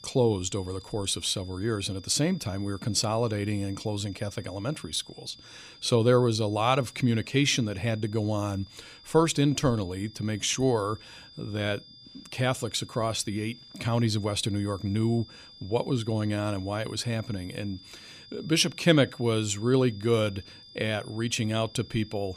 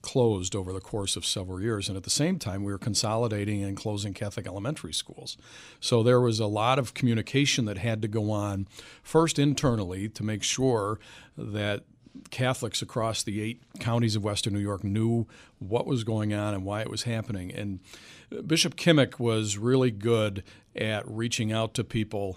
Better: second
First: high-pitched whine; faint; throughout; 5 kHz, 20 dB below the speech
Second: none

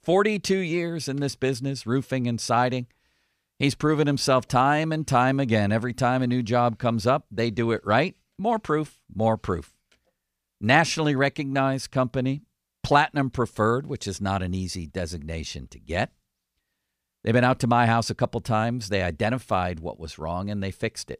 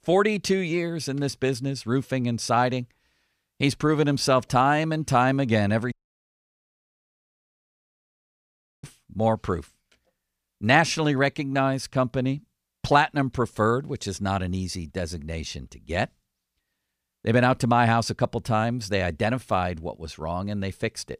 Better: first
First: none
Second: audio cutting out; at 6 s for 3 s

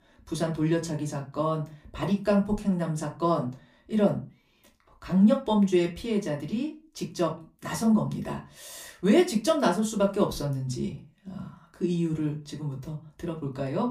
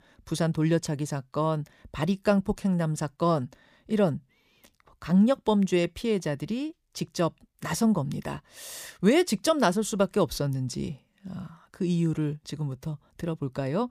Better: second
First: off-mic speech; far // room echo; very slight; dies away in 0.2 s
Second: none

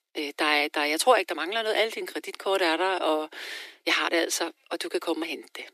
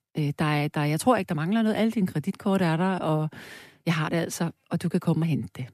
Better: second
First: thin; very; fading below 350 Hz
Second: none

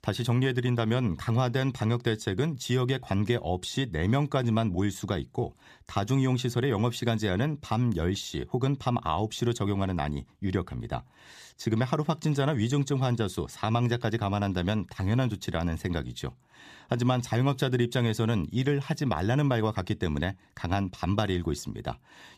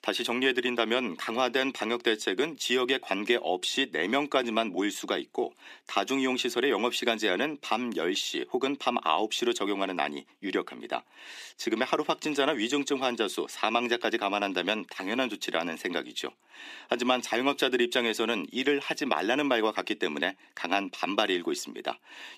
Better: first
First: none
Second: thin; somewhat; fading below 250 Hz

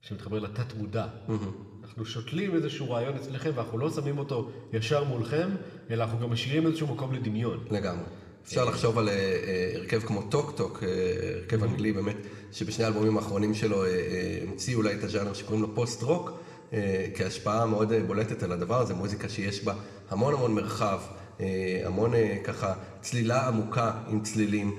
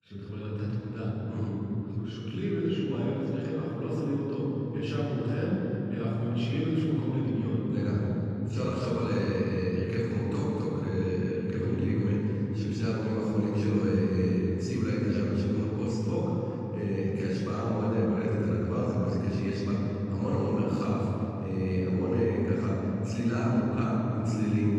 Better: first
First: room echo; slight; dies away in 1.2 s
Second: room echo; strong; dies away in 3 s // off-mic speech; far

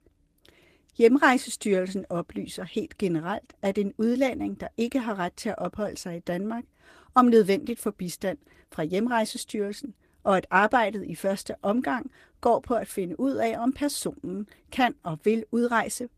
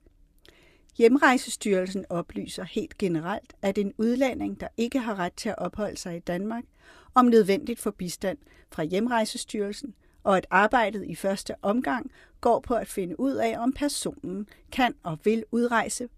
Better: second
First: garbled, watery; slightly; nothing above 14.5 kHz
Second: none

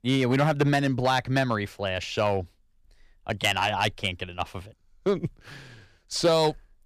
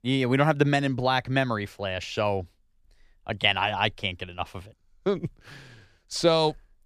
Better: second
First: distortion; slight; 2% of the sound clipped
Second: none

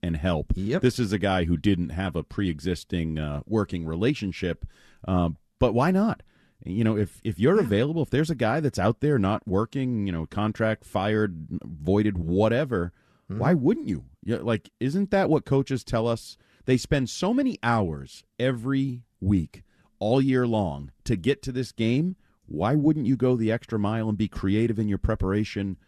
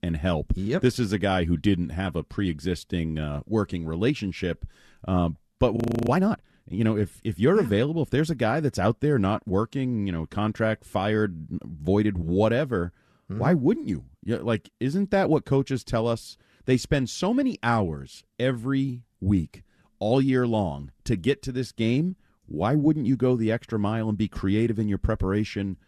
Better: first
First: none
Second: audio freezing; at 6 s

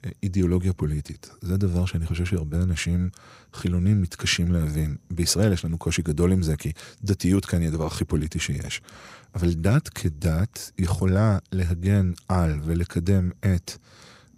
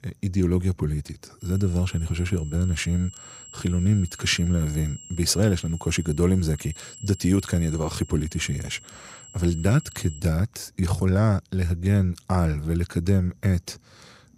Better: first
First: none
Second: high-pitched whine; noticeable; from 1.5 to 10 s; 7.5 kHz, 20 dB below the speech

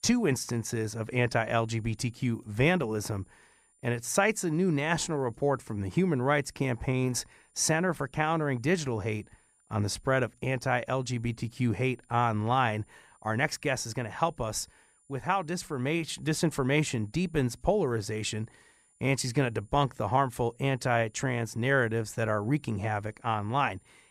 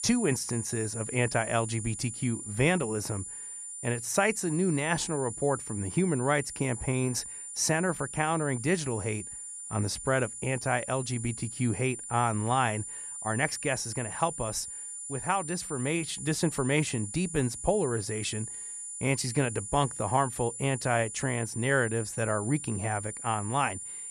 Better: first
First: high-pitched whine; faint; throughout; 9.5 kHz, 35 dB below the speech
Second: high-pitched whine; loud; throughout; 9.5 kHz, 7 dB below the speech

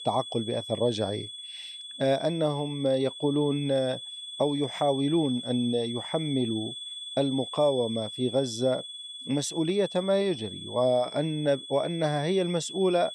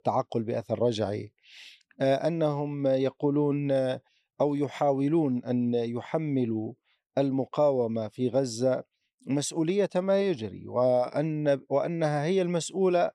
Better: second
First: high-pitched whine; loud; throughout; 3.5 kHz, 10 dB below the speech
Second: none

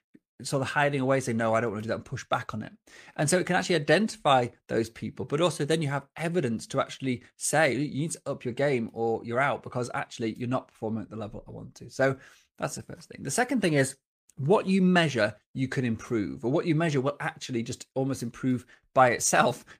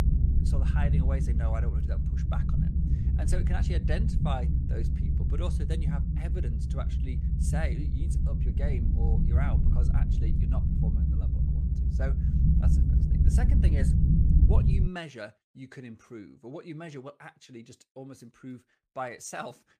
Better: first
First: none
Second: low rumble; loud; until 15 s; as loud as the speech

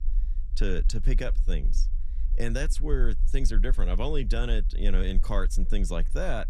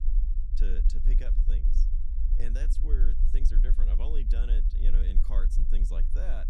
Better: first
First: low rumble; faint; throughout; 20 dB below the speech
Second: low rumble; loud; throughout; 6 dB below the speech

